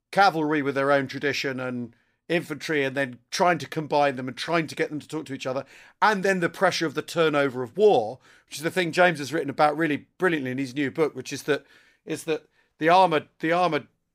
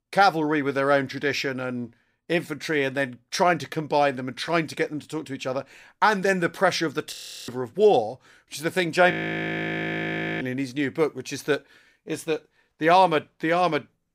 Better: first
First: none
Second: audio freezing; at 7 s and at 9 s for 1.5 s

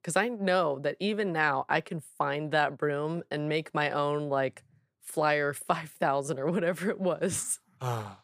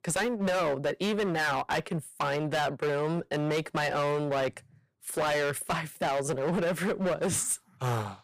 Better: first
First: none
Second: distortion; heavy; 19% of the sound clipped

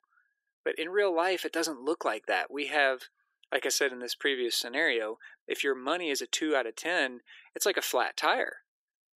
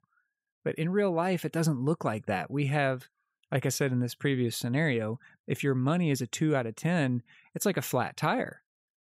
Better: second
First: thin; very; fading below 350 Hz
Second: none

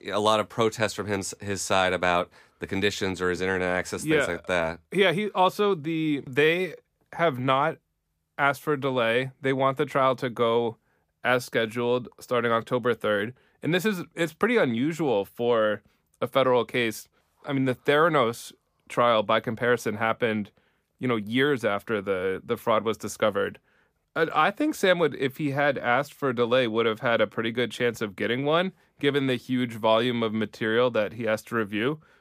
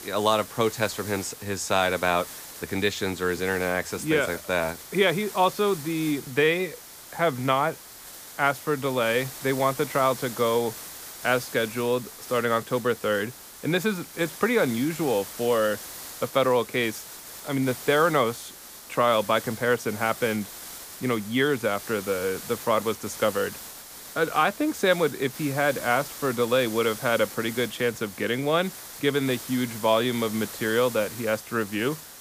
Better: first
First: none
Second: hiss; noticeable; throughout; 15 dB below the speech

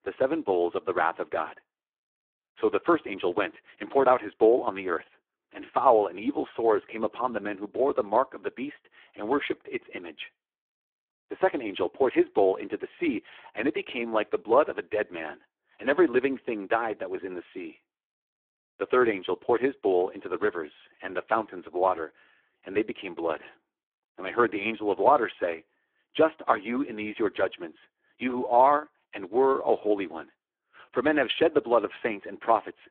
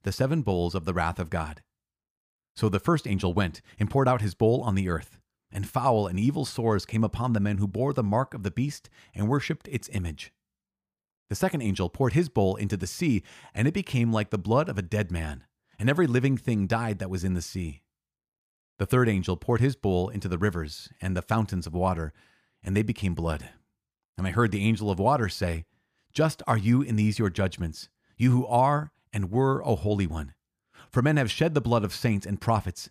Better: second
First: phone-call audio; poor line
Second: none

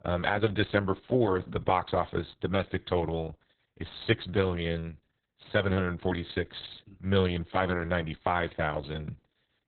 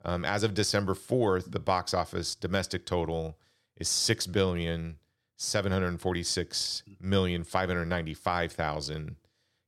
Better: second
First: garbled, watery; badly; nothing above 4 kHz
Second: none

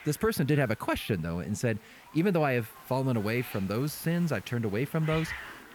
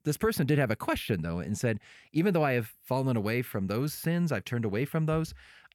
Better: second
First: hiss; noticeable; throughout; 15 dB below the speech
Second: none

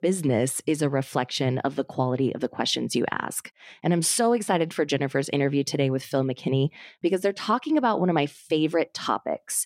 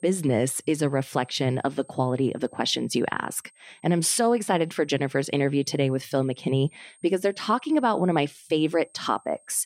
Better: first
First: none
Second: high-pitched whine; faint; throughout; 8.5 kHz, 30 dB below the speech

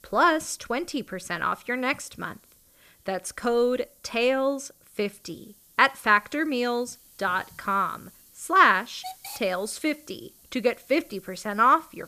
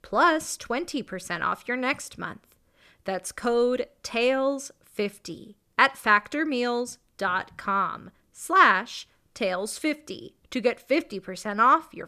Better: second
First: hiss; faint; throughout; 25 dB below the speech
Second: none

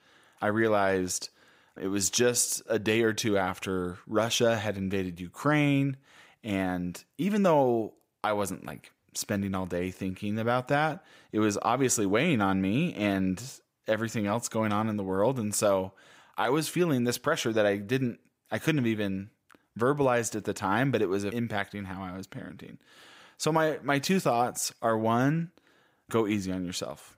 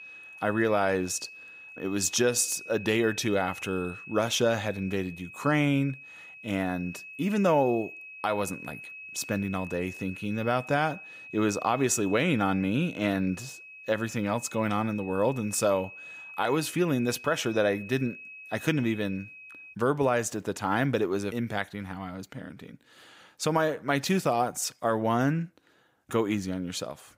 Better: first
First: none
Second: high-pitched whine; noticeable; until 20 s; 2.5 kHz, 15 dB below the speech

